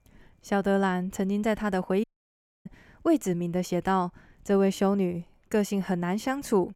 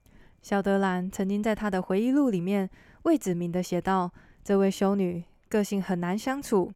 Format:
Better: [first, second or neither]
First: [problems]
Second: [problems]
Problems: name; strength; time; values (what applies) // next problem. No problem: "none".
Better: second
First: audio cutting out; at 2 s for 0.5 s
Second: none